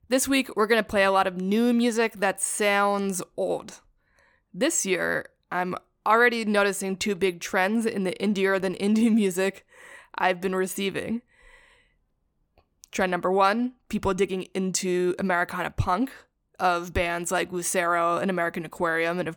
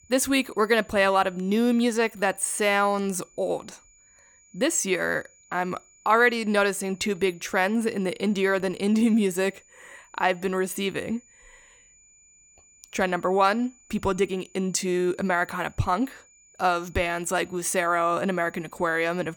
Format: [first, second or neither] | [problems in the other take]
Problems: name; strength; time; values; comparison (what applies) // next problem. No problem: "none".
first | high-pitched whine; faint; throughout; 7 kHz, 30 dB below the speech